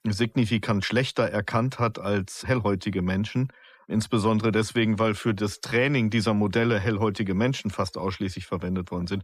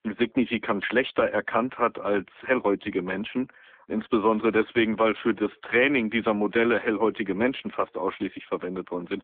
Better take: first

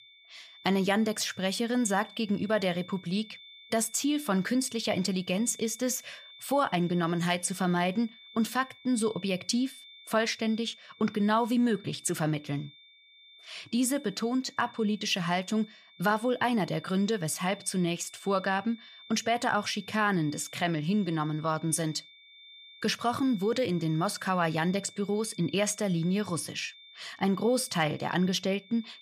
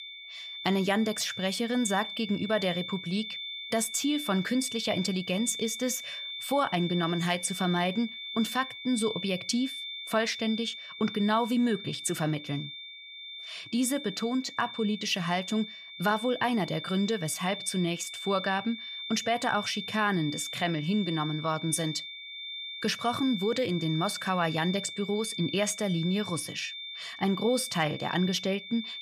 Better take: first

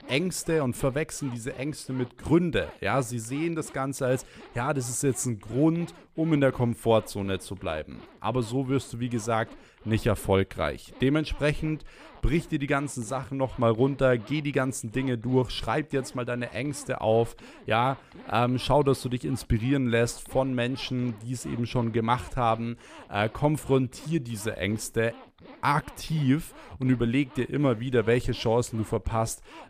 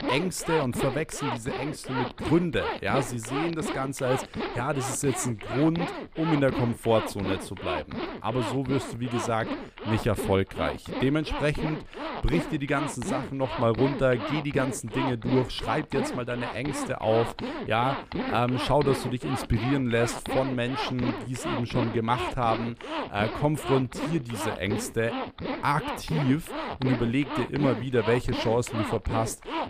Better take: first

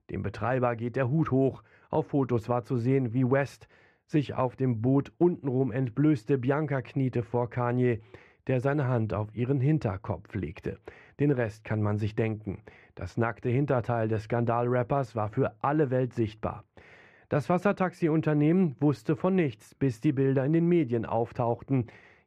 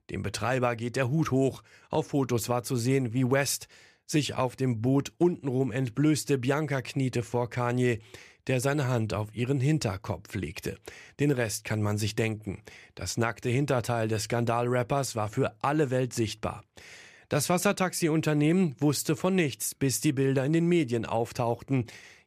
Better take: second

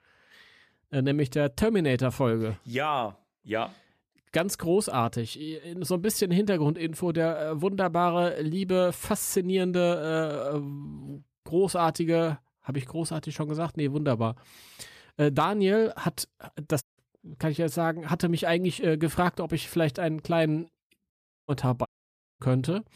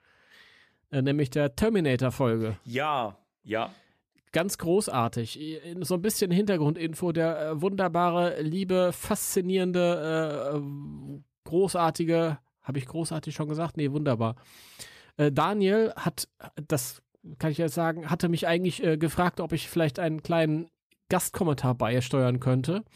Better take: second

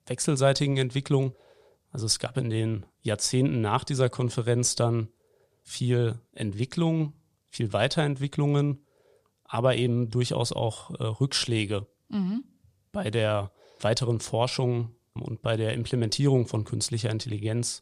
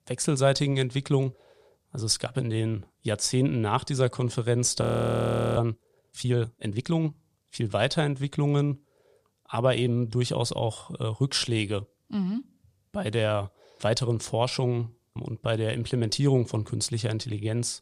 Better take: first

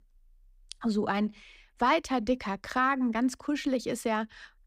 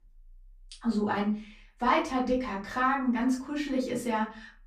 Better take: first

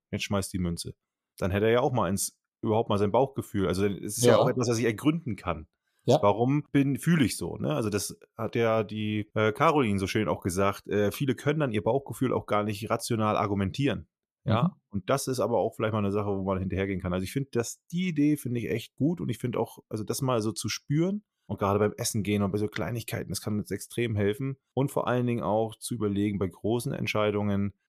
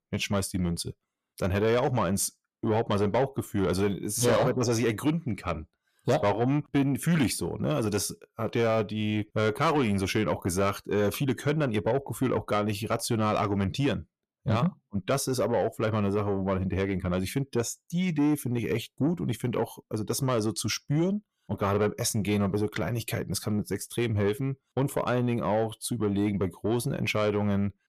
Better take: first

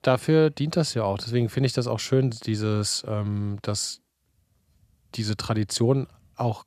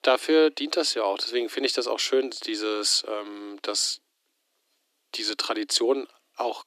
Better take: first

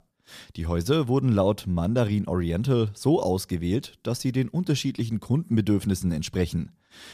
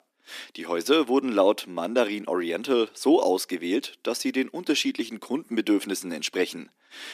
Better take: first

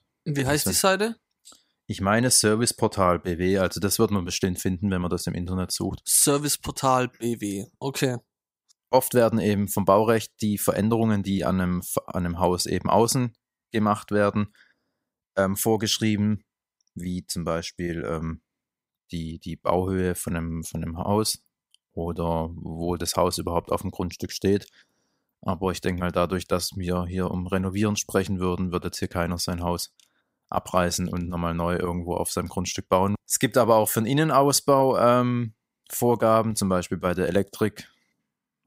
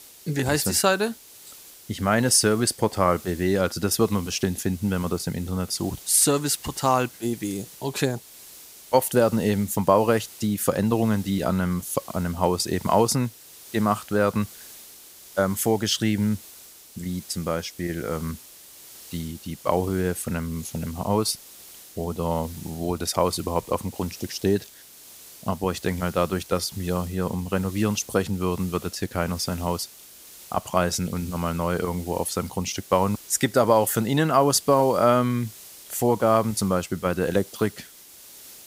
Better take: first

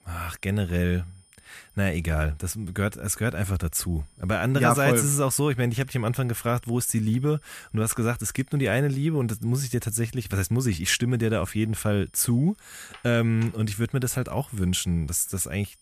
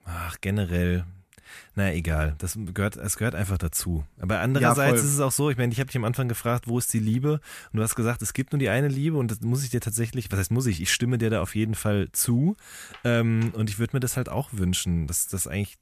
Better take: second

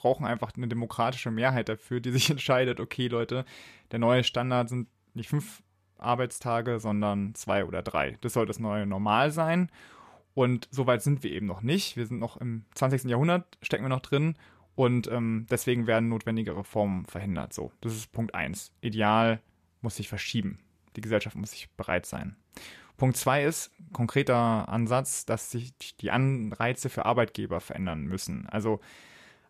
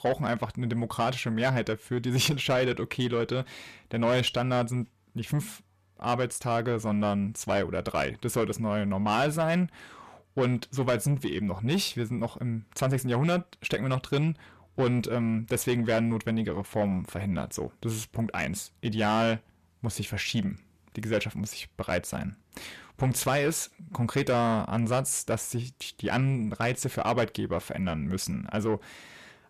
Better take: first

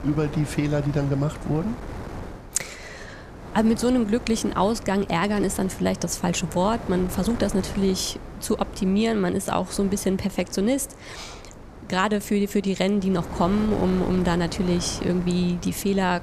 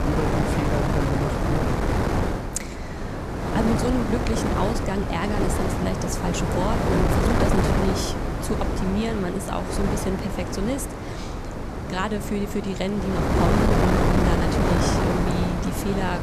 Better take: first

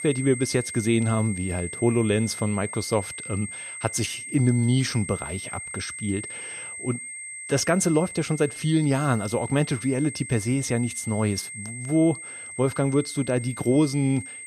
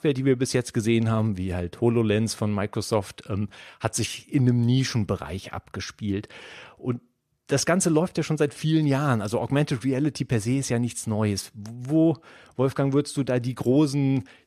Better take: second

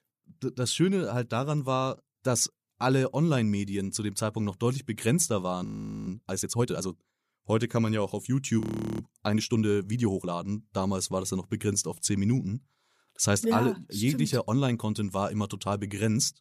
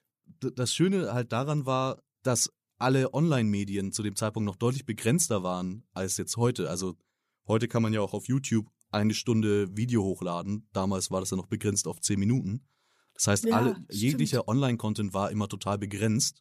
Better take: second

